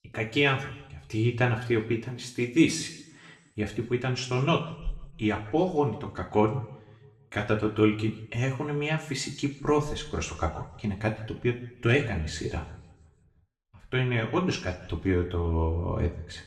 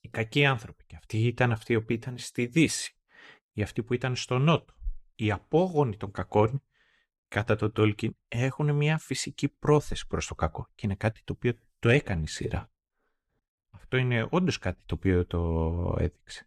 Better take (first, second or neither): second